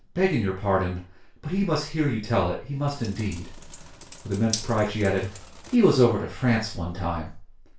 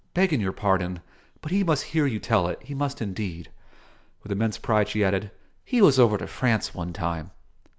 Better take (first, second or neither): second